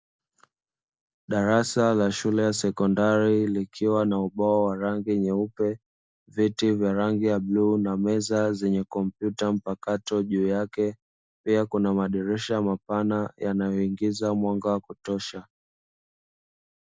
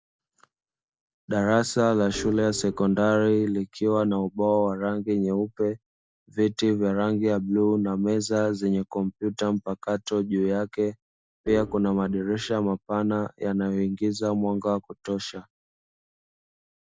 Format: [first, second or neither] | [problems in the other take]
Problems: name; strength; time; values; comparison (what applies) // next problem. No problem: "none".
first | background sound (Organ); 13 dB below the speech